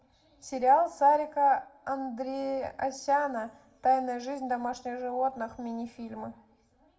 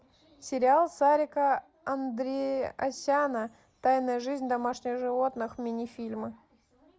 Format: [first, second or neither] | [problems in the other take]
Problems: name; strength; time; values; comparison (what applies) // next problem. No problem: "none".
second | room echo; dies away in 0.4 s